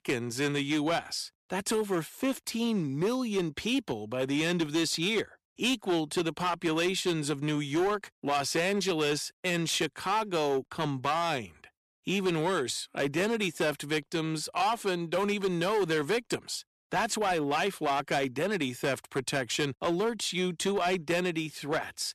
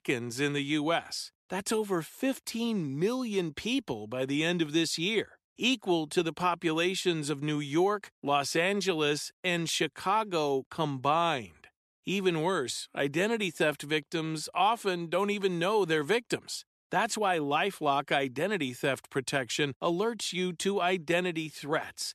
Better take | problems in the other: second | distortion; slight; 9% of the sound clipped

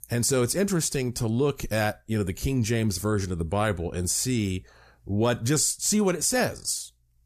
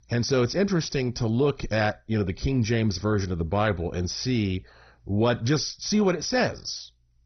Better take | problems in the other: first | garbled, watery; badly; nothing above 6 kHz

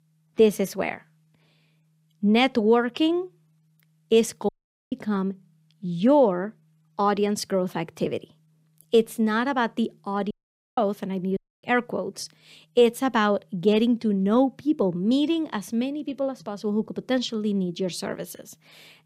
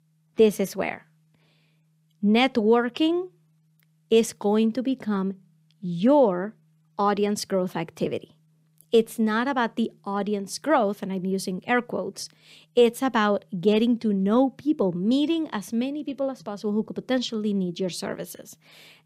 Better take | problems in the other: second | audio cutting out; at 4.5 s, at 10 s and at 11 s

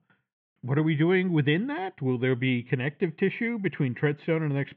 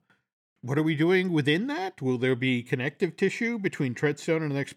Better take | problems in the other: second | muffled; very slightly; fading above 3 kHz

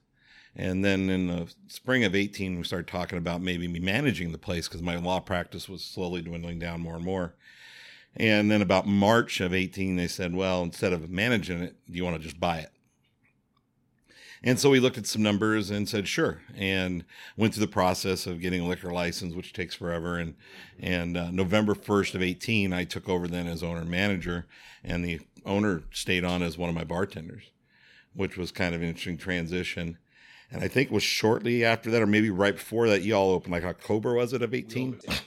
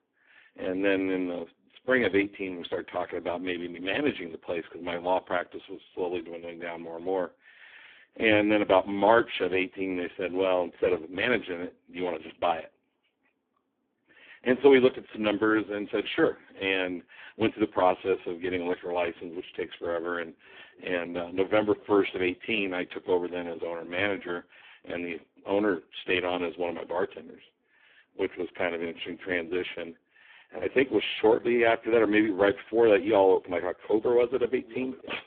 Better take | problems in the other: first | phone-call audio; poor line

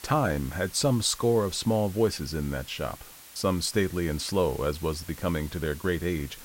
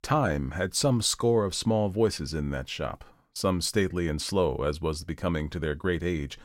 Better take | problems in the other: second | hiss; noticeable; throughout; 15 dB below the speech

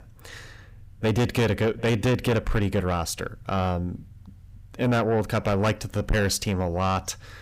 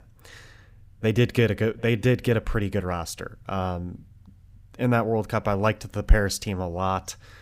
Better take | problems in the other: second | distortion; heavy; 5 dB below the speech

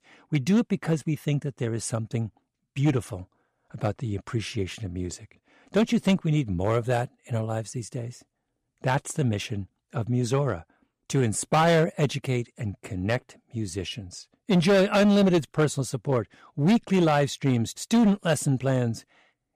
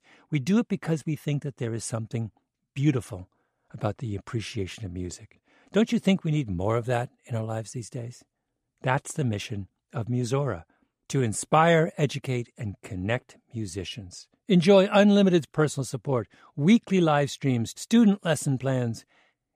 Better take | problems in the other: second | distortion; slight; 5% of the sound clipped

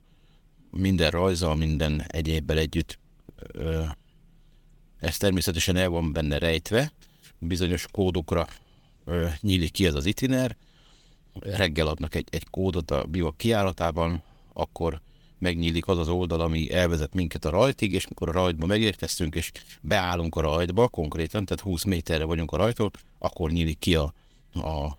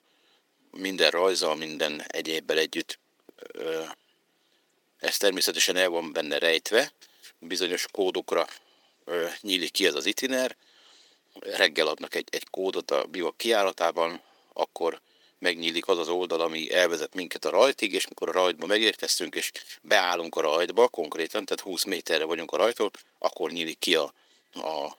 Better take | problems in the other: first | thin; very; fading below 350 Hz

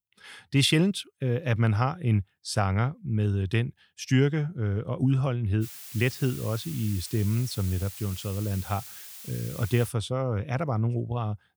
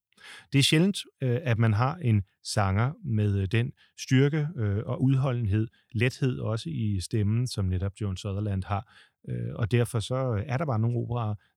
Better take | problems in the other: second | hiss; noticeable; from 5.5 to 10 s; 15 dB below the speech

